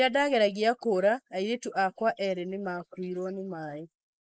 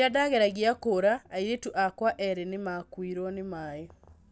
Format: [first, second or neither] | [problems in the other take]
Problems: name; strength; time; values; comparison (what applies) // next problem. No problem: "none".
second | noise reduction (neural mask model Resemble Enhance denoiser)